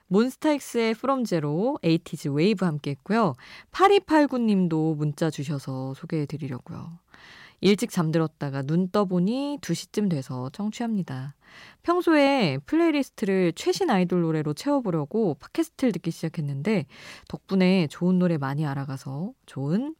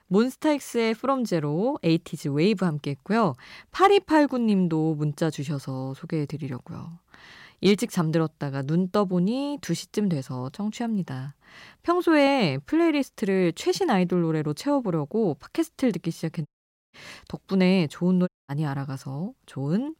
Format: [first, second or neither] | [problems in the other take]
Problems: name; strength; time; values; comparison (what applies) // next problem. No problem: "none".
first | audio cutting out; at 16 s and at 18 s